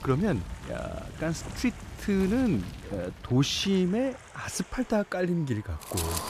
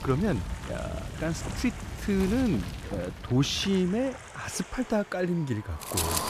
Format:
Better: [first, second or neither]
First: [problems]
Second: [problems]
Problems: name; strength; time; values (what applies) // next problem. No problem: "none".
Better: first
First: wind noise on the microphone; occasional gusts; 10 dB below the speech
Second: wind noise on the microphone; heavy; 6 dB below the speech